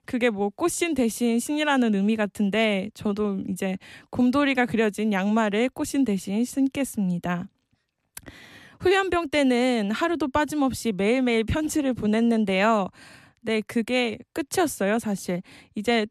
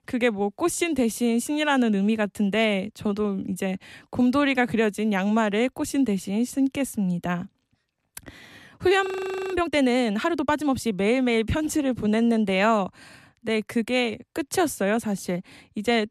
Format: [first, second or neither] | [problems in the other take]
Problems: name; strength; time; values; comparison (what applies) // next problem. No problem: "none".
first | audio freezing; at 9 s